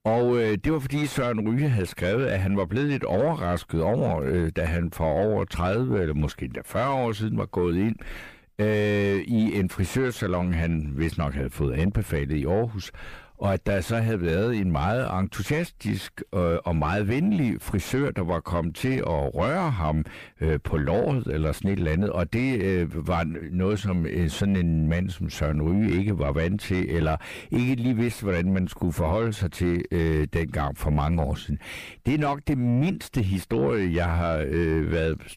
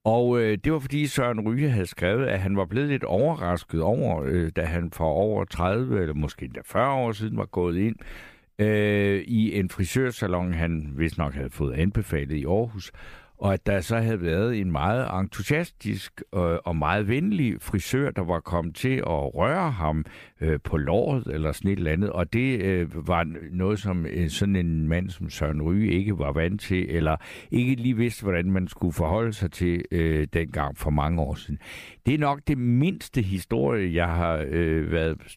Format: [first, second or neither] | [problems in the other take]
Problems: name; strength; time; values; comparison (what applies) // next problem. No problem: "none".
second | distortion; slight; 9 dB below the speech